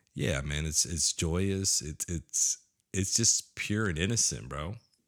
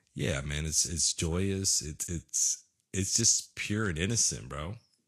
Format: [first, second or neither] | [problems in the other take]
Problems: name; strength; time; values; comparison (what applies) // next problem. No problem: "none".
first | garbled, watery; slightly; nothing above 12 kHz